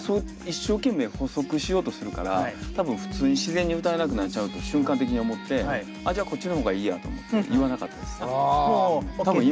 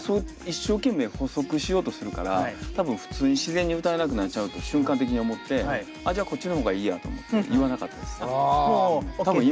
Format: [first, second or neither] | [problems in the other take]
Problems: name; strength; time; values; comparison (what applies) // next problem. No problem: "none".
second | background sound (Bass guitar); 15 dB below the speech